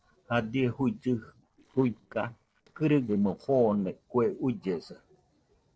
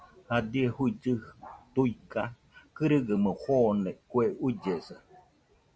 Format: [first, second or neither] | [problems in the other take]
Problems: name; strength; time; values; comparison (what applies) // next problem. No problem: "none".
second | noise reduction (neural separator model SepFormer DNS4)